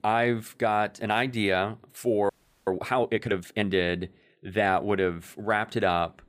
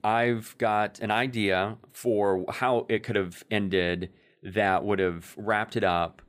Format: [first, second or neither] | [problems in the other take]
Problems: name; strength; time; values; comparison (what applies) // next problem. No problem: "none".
second | audio freezing; at 2.5 s